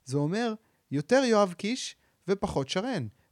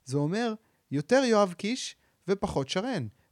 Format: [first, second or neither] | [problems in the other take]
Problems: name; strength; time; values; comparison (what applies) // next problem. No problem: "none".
neither | none